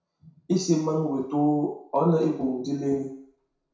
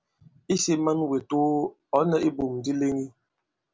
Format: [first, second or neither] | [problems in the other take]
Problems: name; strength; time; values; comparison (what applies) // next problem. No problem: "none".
second | room echo; dies away in 0.6 s